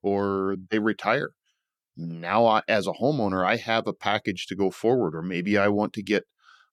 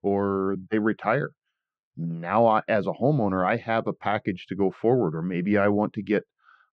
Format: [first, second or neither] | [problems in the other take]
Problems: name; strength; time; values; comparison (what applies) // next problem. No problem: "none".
first | muffled; very; fading above 2 kHz